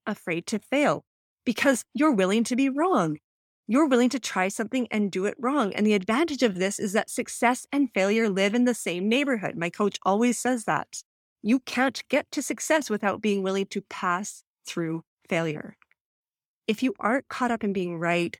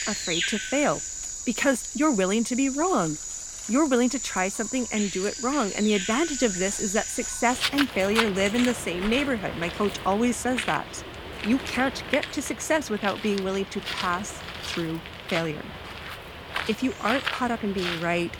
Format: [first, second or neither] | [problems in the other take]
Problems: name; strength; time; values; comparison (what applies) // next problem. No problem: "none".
first | animal sounds; loud; throughout; 5 dB below the speech